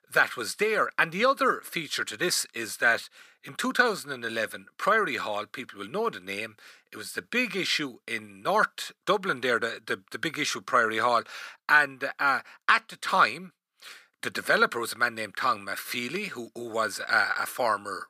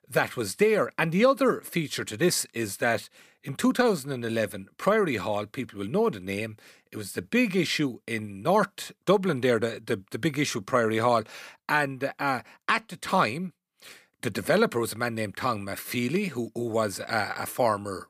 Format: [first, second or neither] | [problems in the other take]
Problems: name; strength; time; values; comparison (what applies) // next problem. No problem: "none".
second | thin; somewhat; fading below 850 Hz